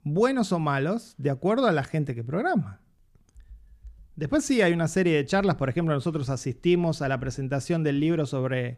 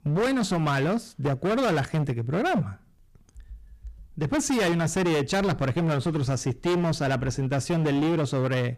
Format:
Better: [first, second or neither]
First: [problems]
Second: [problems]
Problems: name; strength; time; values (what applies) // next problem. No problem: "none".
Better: first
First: none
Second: distortion; heavy; 24% of the sound clipped